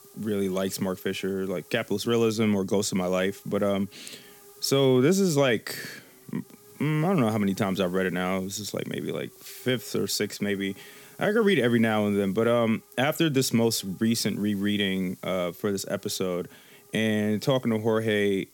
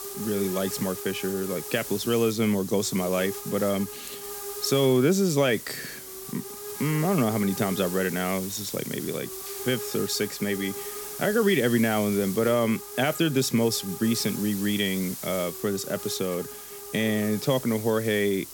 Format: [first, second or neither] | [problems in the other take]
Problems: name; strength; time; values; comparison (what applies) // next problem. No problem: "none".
first | hiss; loud; throughout; 9 dB below the speech; faint in the first